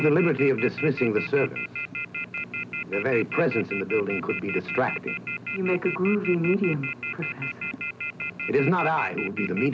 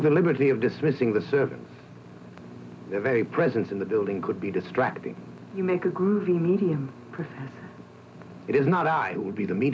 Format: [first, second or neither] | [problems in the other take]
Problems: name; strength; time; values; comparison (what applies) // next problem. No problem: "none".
second | background sound (Telephone); 7 dB below the speech